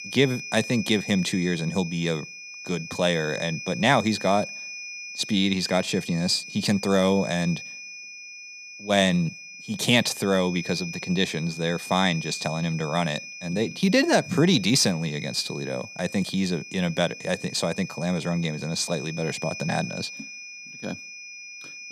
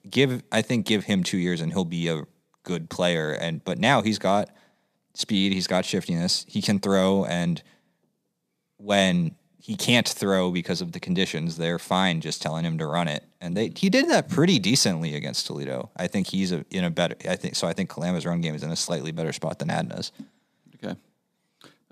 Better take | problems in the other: second | high-pitched whine; noticeable; throughout; 2.5 kHz, 10 dB below the speech

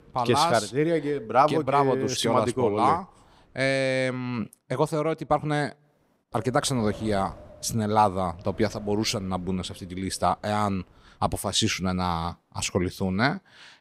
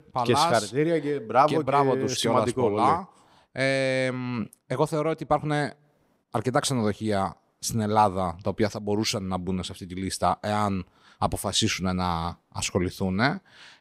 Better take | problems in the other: second | wind noise on the microphone; occasional gusts; until 3.5 s and from 6.5 to 11 s; 25 dB below the speech

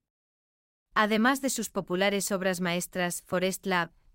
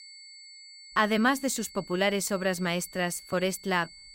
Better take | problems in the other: first | high-pitched whine; noticeable; throughout; 4.5 kHz, 20 dB below the speech

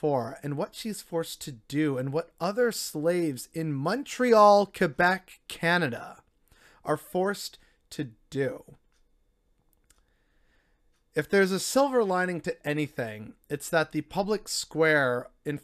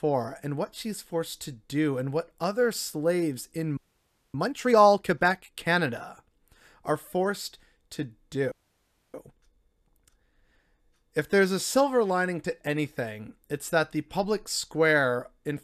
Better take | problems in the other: first | audio freezing; at 4 s for 0.5 s and at 8.5 s for 0.5 s

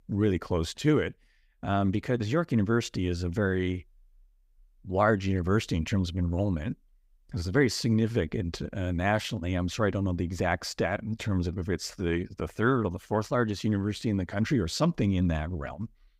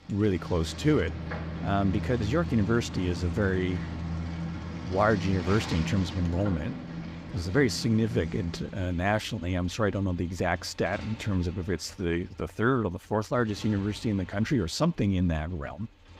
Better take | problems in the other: first | traffic noise; loud; throughout; 9 dB below the speech

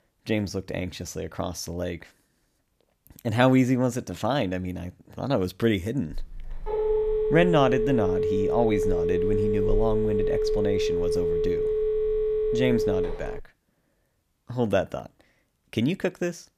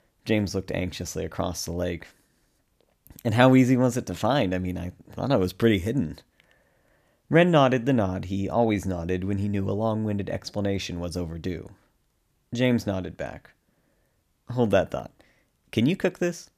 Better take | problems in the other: second | phone ringing; loud; from 6 to 13 s; peak 2 dB above the speech

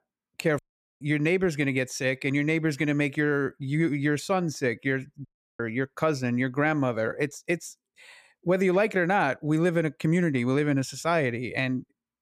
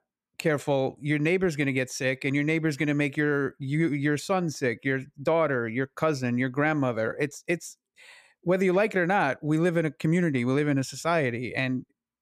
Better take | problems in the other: second | audio cutting out; at 0.5 s and at 5.5 s

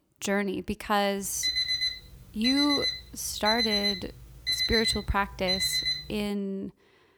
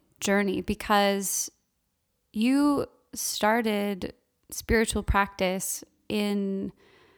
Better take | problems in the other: second | alarm; loud; from 1.5 to 6.5 s; peak 5 dB above the speech

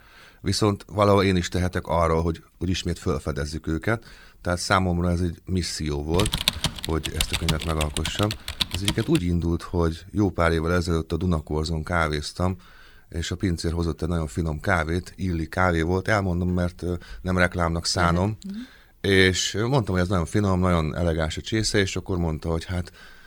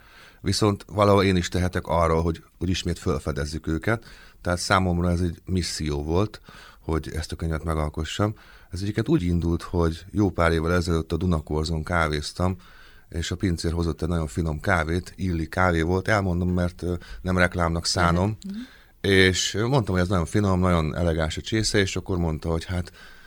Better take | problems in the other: second | keyboard typing; loud; from 6 to 9 s; peak 2 dB above the speech

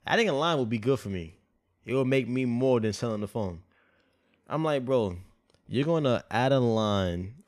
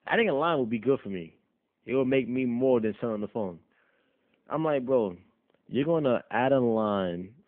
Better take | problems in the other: first | phone-call audio; nothing above 3.5 kHz

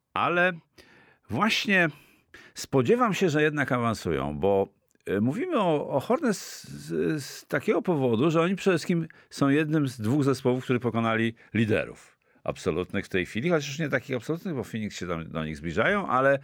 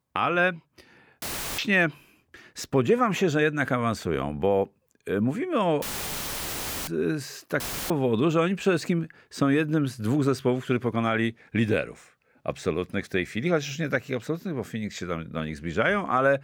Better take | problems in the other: first | audio cutting out; filled with static; at 1 s, at 6 s for 1 s and at 7.5 s

